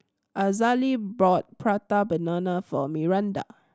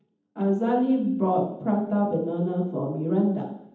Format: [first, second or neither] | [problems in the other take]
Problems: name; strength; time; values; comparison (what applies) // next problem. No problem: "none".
first | room echo; dies away in 0.8 s